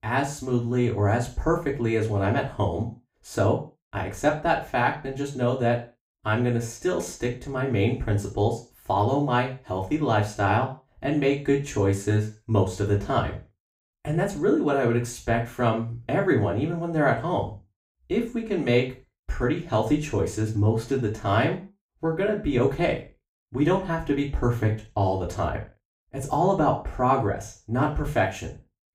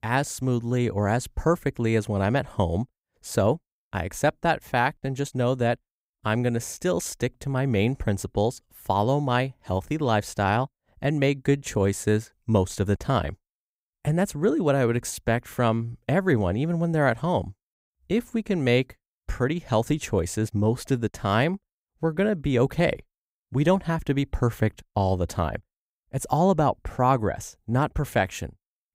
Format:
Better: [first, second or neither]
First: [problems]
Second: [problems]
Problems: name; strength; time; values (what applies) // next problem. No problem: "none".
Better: second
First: room echo; slight; dies away in 0.4 s // off-mic speech; far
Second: none